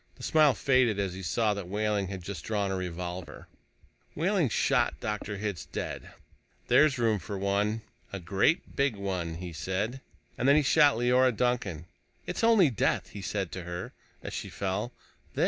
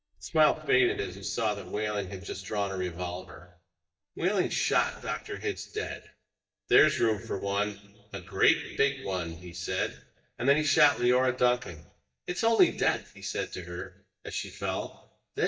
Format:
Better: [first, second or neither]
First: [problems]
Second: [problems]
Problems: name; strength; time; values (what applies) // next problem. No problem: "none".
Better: first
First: none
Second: noise reduction (neural mask model DeepFilterNet 3)